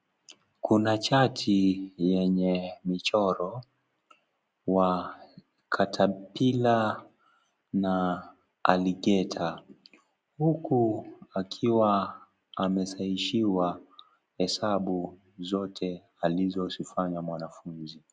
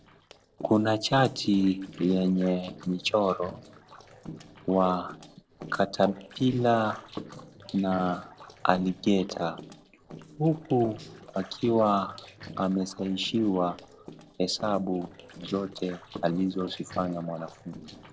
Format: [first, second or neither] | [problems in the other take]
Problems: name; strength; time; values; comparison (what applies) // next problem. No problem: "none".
first | noise reduction (neural separator model SepFormer DNS4)